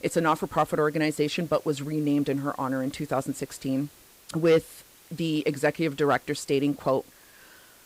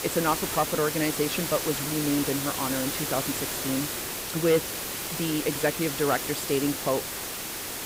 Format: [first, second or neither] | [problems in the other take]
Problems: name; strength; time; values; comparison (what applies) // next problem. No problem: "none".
first | hiss; loud; throughout; 2 dB below the speech; faint in the first